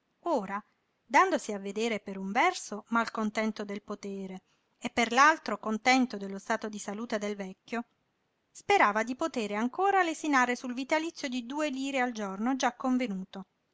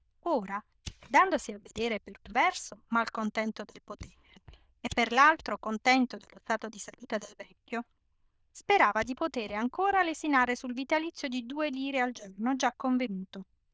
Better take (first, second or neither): first